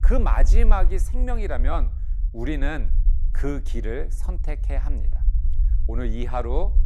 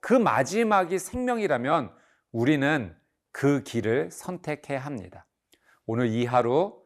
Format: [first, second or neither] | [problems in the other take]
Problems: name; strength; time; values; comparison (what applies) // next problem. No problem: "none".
second | low rumble; noticeable; throughout; 15 dB below the speech